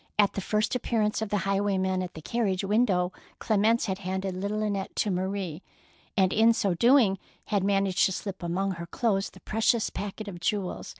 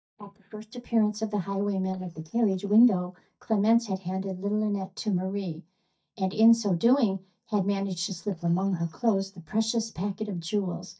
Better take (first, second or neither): first